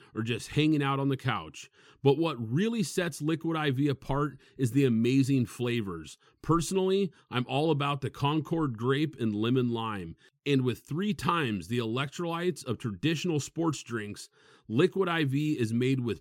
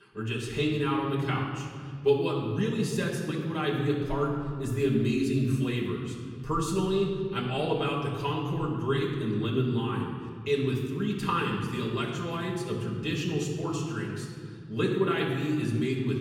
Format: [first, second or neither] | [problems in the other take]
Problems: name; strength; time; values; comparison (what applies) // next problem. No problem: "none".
first | off-mic speech; far // room echo; noticeable; dies away in 1.9 s